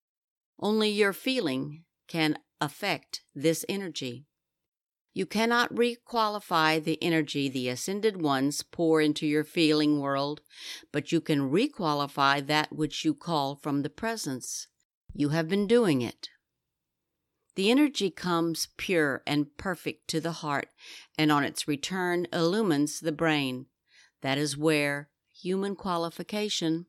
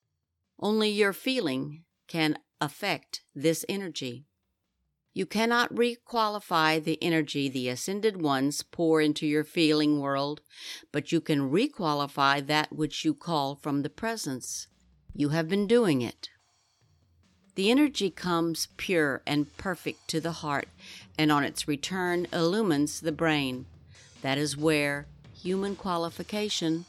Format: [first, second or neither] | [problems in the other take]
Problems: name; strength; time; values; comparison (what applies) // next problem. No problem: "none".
first | background music; faint; throughout; 30 dB below the speech